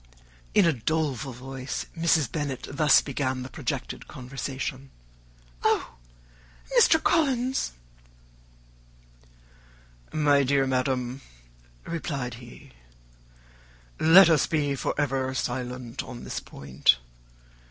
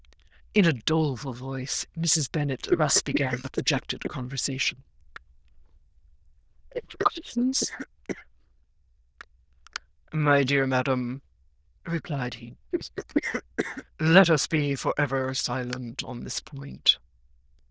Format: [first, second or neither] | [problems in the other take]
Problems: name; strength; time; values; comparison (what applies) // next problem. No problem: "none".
first | noise reduction (neural diffusion model UNIVERSE++)